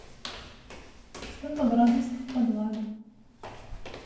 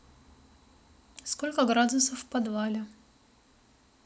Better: second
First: background sound (Walk, footsteps); 14 dB below the speech // room echo; dies away in 0.9 s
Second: none

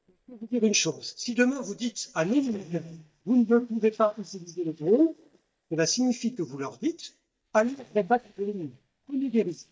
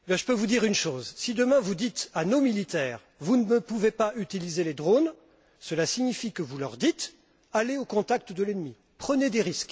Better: second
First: noise reduction (neural mask model DeepFilterNet 3)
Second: none

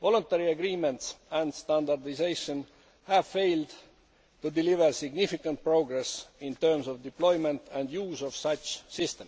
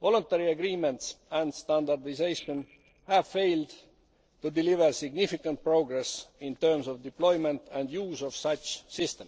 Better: first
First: none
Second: noise reduction (neural separator model SepFormer DNS4)

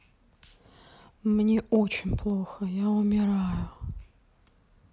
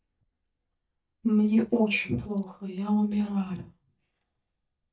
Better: first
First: none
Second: noise reduction (neural mask model DeepFilterNet 3)

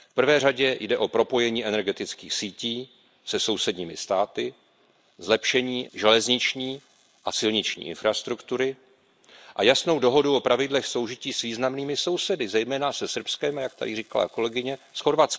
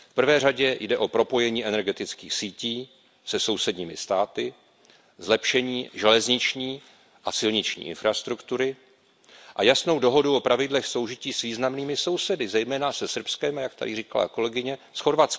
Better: second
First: noise reduction (neural mask model Resemble Enhance denoiser)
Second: none

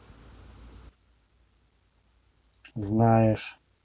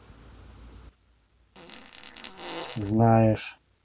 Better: first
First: none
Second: background sound (Fart); 14 dB below the speech

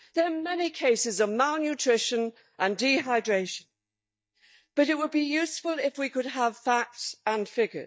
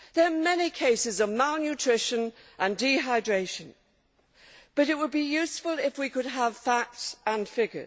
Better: second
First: noise reduction (neural mask model DeepFilterNet 3)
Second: none

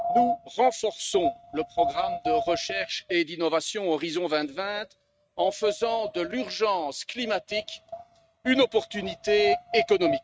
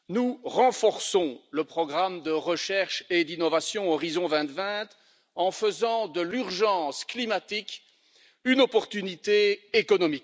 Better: second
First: noise reduction (neural mask model RNNoise)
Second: none

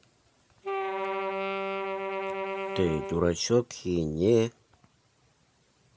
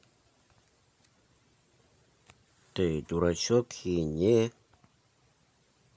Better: second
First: background sound (Wind instrument, woodwind instrument); 3 dB below the speech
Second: none

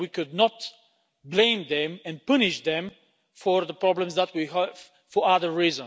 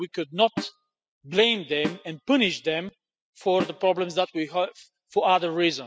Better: first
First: none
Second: noise reduction (classical method spectral subtraction)

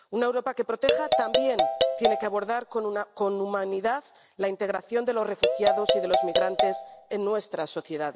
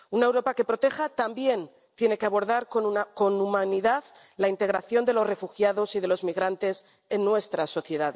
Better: second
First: background sound (Marimba, xylophone); 3 dB above the speech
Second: none

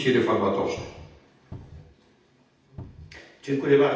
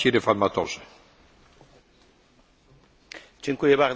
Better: second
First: background sound (Cupboard open or close); 16 dB below the speech // room echo; dies away in 0.8 s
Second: none

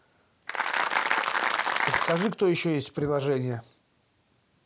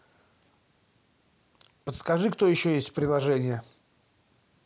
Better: second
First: background sound (Applause); 3 dB above the speech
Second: none

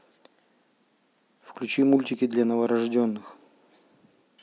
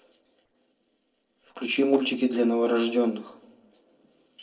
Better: first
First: none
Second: noise reduction (neural separator model SepFormer DNS4)

